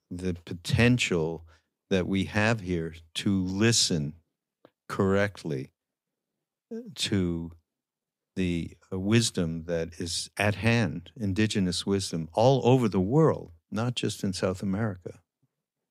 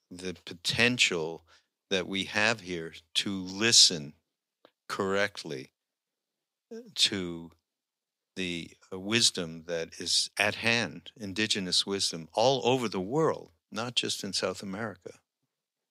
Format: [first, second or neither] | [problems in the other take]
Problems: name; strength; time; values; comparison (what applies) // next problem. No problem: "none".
first | thin; somewhat; fading below 500 Hz